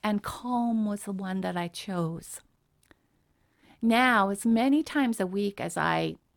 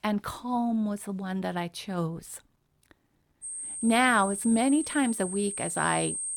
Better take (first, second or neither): first